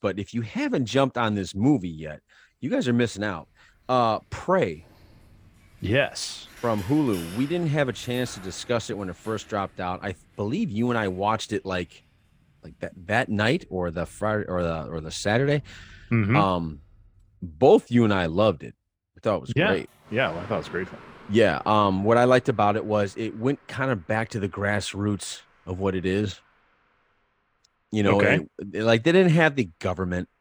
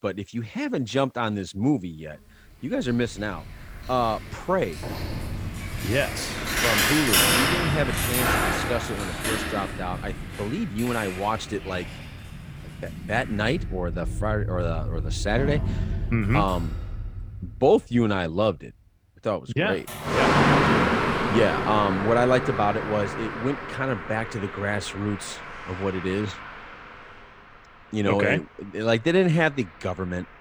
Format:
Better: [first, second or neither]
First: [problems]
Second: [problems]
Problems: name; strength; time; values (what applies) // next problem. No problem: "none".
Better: first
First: traffic noise; faint; throughout; 25 dB below the speech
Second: traffic noise; loud; throughout; as loud as the speech